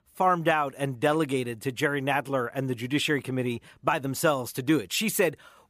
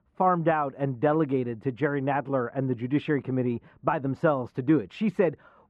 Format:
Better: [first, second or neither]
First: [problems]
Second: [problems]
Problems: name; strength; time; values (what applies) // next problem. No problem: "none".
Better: first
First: none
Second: muffled; very; fading above 1.5 kHz